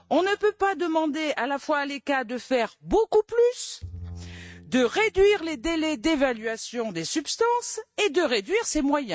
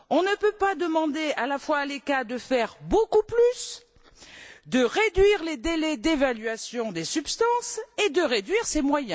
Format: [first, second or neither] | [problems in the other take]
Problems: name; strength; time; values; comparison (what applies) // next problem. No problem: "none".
second | noise reduction (neural mask model RNNoise)